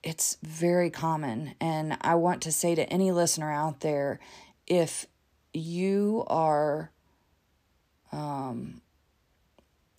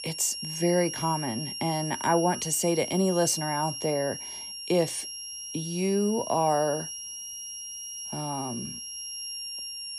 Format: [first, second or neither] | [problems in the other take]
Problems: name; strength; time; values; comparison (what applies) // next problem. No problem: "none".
first | high-pitched whine; loud; throughout; 5.5 kHz, 7 dB below the speech